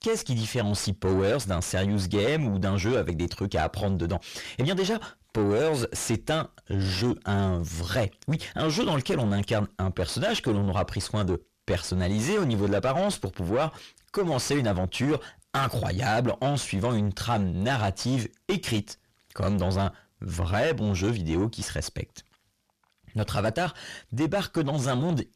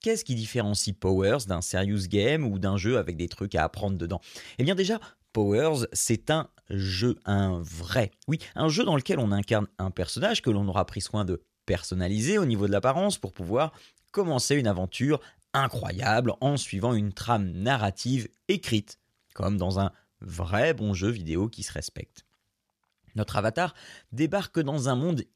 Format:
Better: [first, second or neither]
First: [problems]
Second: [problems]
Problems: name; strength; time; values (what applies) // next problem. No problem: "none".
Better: second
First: distortion; heavy; 7 dB below the speech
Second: none